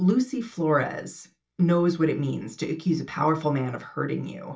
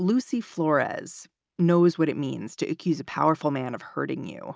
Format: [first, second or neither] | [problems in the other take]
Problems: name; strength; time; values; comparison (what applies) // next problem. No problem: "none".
second | room echo; dies away in 0.2 s